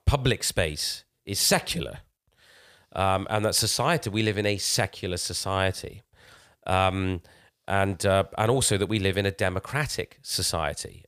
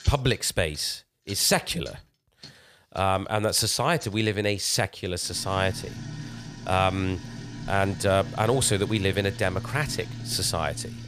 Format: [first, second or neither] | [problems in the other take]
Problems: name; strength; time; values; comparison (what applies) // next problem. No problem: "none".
first | household noises; noticeable; throughout; 15 dB below the speech